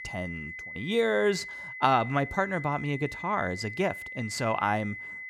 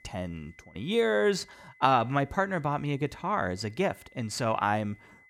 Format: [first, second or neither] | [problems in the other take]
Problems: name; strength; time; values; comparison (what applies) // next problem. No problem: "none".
second | high-pitched whine; loud; throughout; 2 kHz, 9 dB below the speech; faint in the second